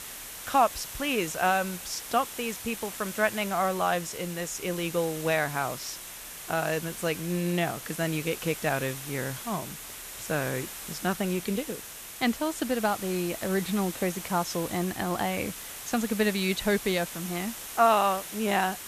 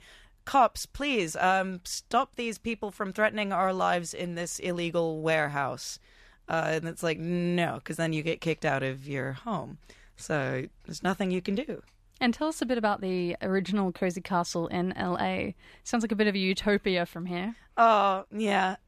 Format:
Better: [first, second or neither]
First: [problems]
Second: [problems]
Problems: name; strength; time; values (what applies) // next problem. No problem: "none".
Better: second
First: hiss; loud; throughout; 9 dB below the speech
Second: none